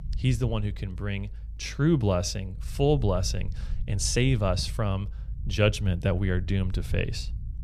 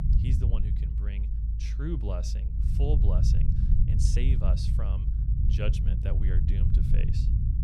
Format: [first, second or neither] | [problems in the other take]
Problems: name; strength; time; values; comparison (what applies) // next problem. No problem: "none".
first | low rumble; loud; throughout; 2 dB below the speech; faint in the first